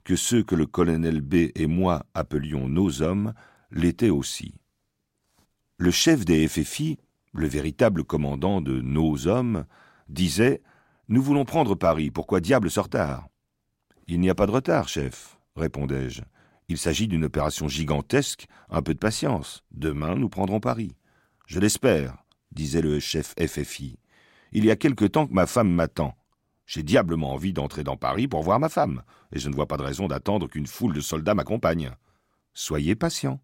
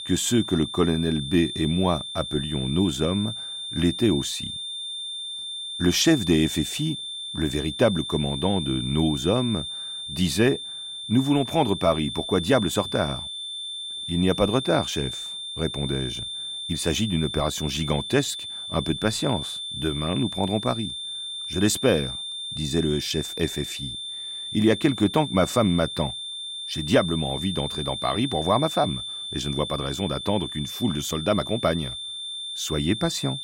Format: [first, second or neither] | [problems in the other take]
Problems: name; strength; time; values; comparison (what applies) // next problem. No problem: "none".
first | high-pitched whine; loud; throughout; 3.5 kHz, 6 dB below the speech